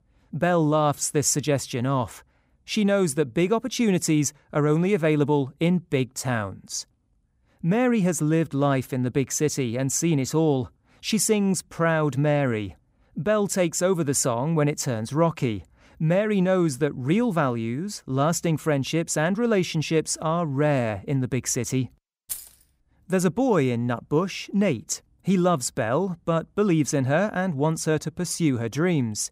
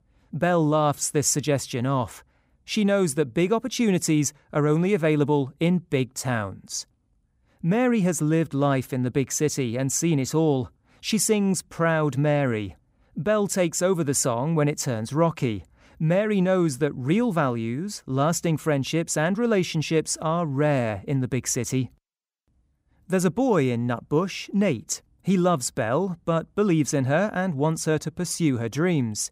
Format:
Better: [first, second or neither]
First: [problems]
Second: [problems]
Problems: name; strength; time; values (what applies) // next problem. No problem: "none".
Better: second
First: jangling keys; faint; at 22 s; peak 10 dB below the speech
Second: none